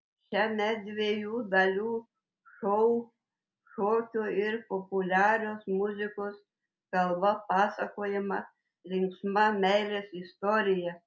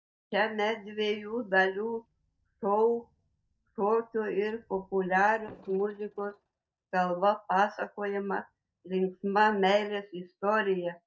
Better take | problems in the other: first | noise reduction (neural mask model DeepFilterNet 3)

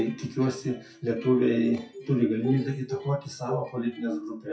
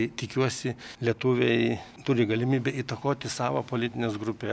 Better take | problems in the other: second | noise reduction (classical method WPE with log-MMSE)

